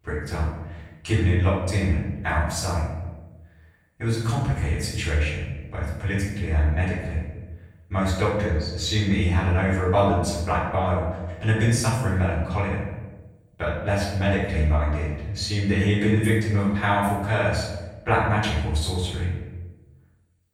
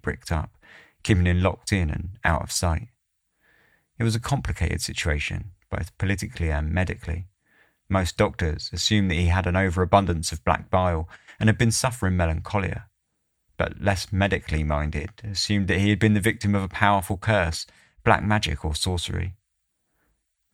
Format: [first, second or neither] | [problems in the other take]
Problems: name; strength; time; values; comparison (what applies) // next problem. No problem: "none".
second | room echo; noticeable; dies away in 1 s // off-mic speech; far